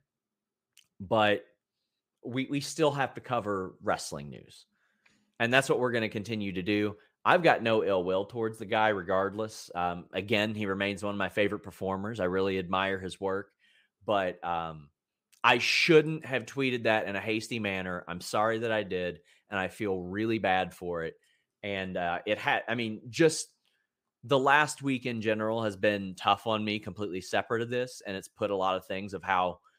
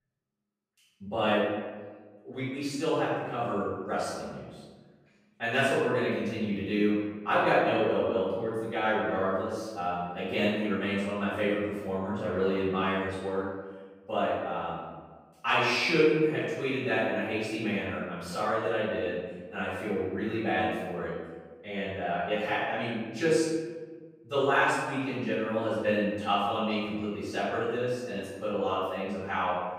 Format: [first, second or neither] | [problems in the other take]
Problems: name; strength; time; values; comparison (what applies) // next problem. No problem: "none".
first | off-mic speech; far // room echo; strong; dies away in 1.3 s